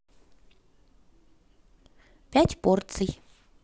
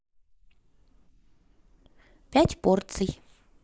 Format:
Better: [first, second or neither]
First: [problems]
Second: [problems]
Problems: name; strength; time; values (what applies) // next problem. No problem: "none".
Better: first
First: none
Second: noise reduction (neural mask model Resemble Enhance denoiser)